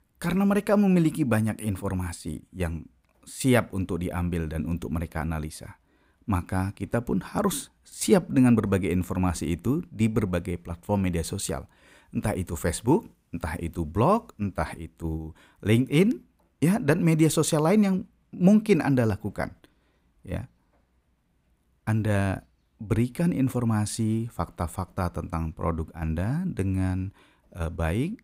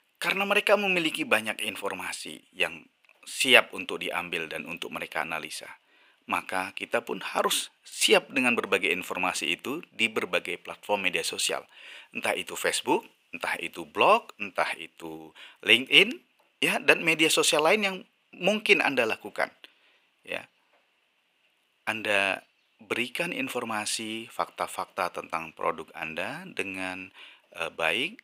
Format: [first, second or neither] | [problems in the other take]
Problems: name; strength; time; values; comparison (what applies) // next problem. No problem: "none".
first | thin; very; fading below 550 Hz